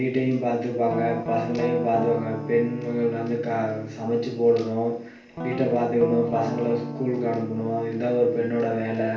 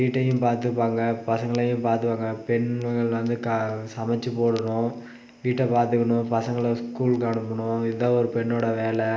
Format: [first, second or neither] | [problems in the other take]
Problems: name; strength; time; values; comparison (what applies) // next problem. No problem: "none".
second | background sound (Guitar); 10 dB below the speech // room echo; dies away in 0.3 s